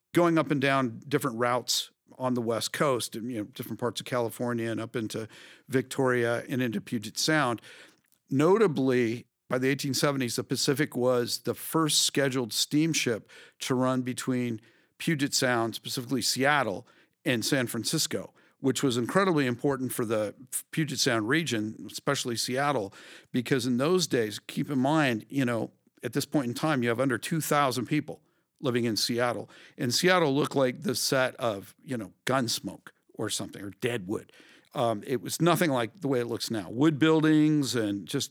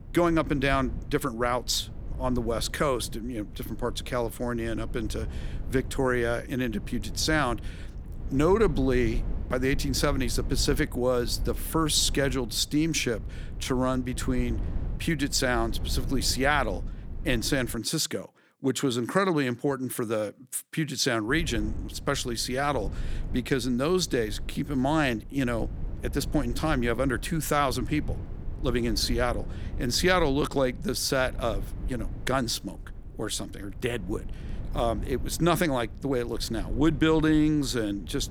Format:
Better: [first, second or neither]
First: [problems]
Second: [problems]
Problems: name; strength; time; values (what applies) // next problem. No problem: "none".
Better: first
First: none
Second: low rumble; faint; until 18 s and from 21 s on; 20 dB below the speech